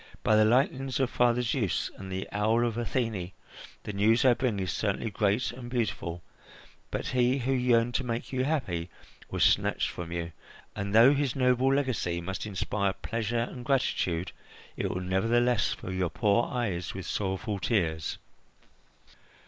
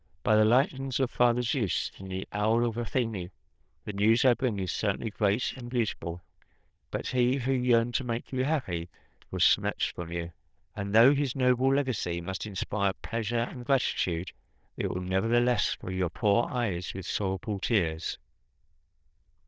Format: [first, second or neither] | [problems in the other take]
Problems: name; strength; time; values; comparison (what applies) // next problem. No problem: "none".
first | noise reduction (neural diffusion model UNIVERSE++)